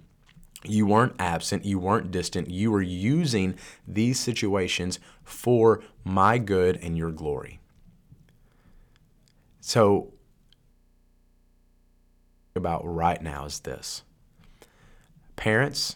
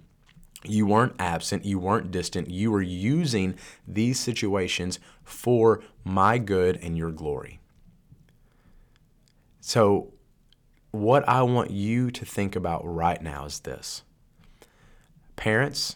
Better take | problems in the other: second | audio freezing; at 11 s for 2 s

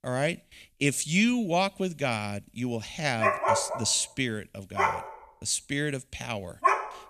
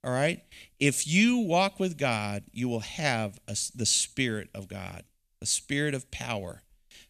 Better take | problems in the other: second | dog barking; loud; from 3 s on; peak 4 dB above the speech

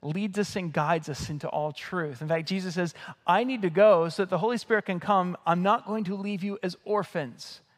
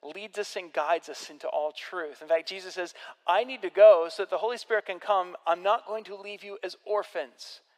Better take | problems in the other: first | thin; very; fading below 350 Hz

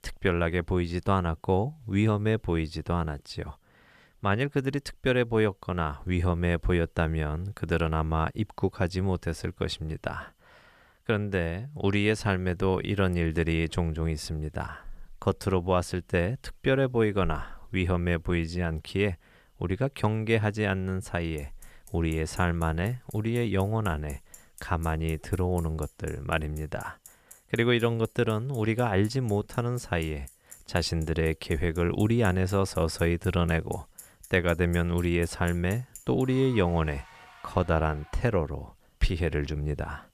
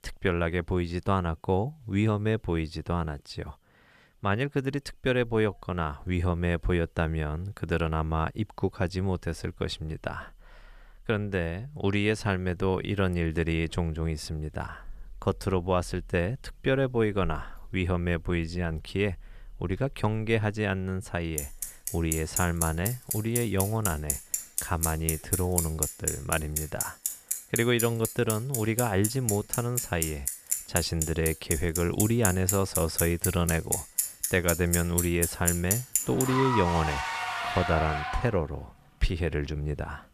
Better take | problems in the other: first | traffic noise; loud; throughout; 2 dB below the speech; faint in the first

